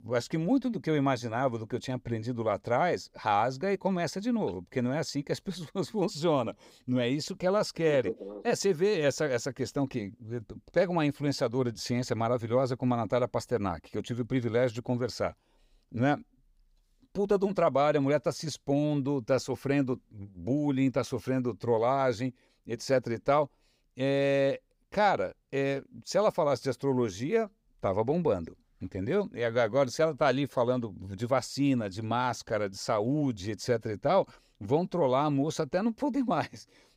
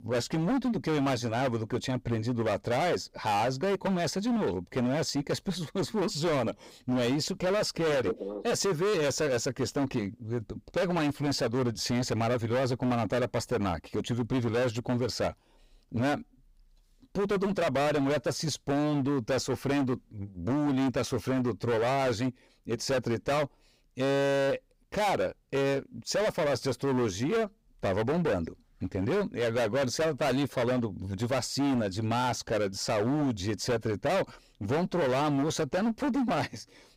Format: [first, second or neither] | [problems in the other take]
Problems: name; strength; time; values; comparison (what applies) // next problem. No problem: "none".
first | distortion; heavy; 23% of the sound clipped